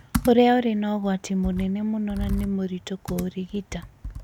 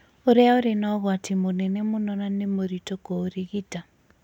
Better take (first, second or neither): second